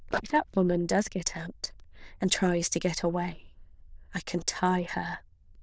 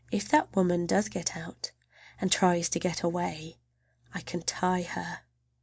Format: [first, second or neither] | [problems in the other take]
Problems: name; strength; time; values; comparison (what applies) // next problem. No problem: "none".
second | noise reduction (neural diffusion model UNIVERSE++)